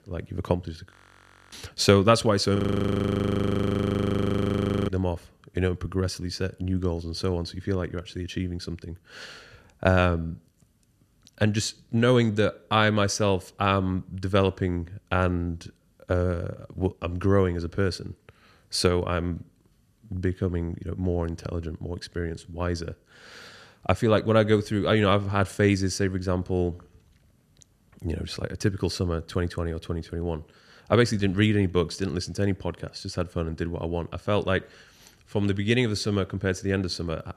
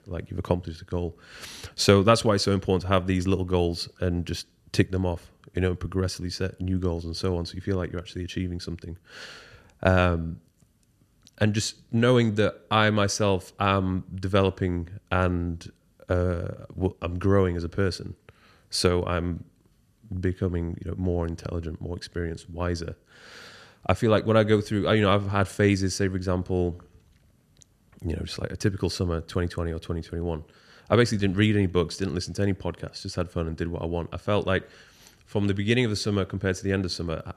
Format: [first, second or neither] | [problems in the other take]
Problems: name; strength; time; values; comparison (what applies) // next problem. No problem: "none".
second | audio freezing; at 1 s for 0.5 s and at 2.5 s for 2.5 s